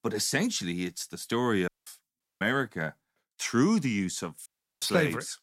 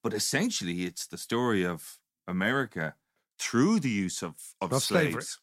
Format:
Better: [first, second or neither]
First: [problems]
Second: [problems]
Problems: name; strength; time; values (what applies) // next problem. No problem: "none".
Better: second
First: audio cutting out; at 1.5 s, at 2 s and at 4.5 s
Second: none